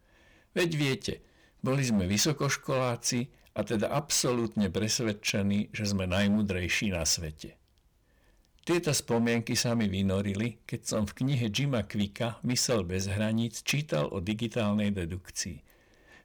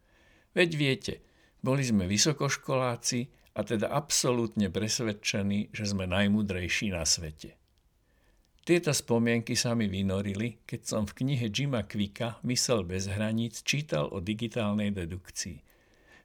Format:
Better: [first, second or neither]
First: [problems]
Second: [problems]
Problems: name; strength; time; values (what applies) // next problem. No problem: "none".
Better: second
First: distortion; slight; 6% of the sound clipped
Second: none